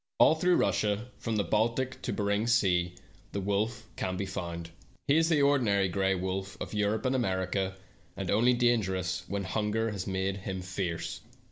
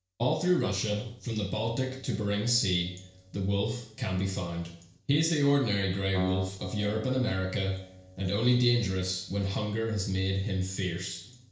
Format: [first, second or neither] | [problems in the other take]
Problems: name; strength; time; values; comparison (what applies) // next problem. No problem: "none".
first | noise reduction (neural separator model SepFormer DNS4)